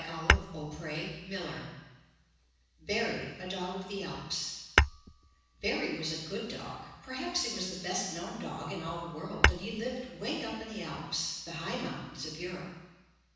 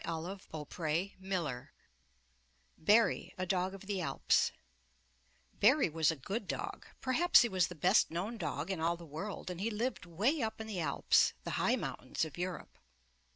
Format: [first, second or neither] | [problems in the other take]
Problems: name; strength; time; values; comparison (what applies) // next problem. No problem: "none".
second | background sound (Tap / Hammer / Glass); 2 dB above the speech // room echo; dies away in 1.1 s